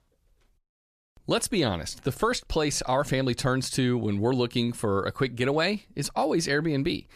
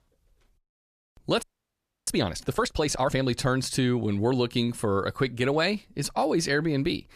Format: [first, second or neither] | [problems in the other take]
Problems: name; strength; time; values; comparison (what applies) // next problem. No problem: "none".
first | audio freezing; at 1.5 s for 0.5 s